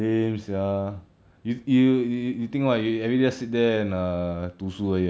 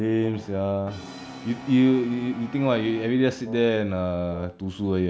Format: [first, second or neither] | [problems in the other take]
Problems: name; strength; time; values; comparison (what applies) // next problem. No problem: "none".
first | background sound (Wind instrument, woodwind instrument + Brass instrument); 17 dB below the speech